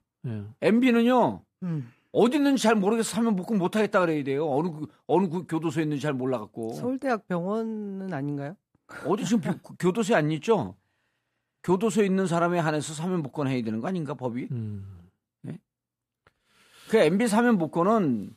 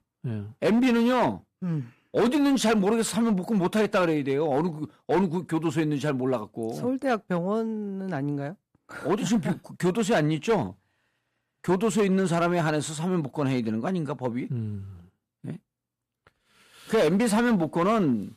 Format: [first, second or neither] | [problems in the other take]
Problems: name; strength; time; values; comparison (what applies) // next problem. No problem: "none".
first | distortion; slight; 6% of the sound clipped